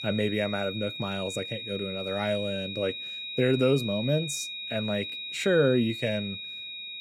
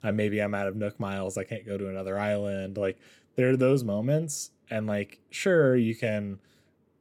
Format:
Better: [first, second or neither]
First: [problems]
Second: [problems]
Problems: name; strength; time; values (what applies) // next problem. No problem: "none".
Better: second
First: high-pitched whine; loud; throughout; 4 kHz, 6 dB below the speech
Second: none